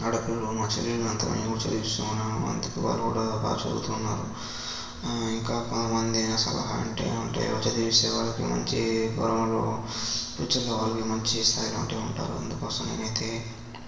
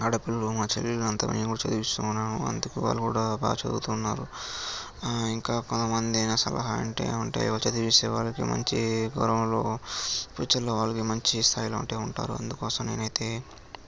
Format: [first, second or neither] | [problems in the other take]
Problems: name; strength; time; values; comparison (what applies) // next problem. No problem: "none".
second | background sound (Mechanisms); 18 dB below the speech // room echo; dies away in 1.2 s